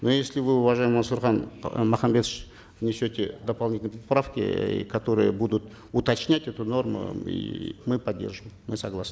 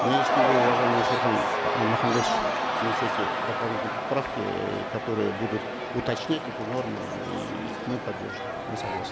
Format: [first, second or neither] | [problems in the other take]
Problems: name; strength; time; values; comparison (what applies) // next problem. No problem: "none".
first | background sound (Crowd / Cheering); 3 dB above the speech